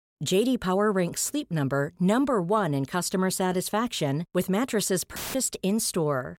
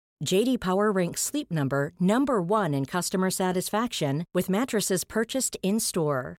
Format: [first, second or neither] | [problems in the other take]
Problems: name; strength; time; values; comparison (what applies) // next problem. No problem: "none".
second | audio cutting out; filled with static; at 5 s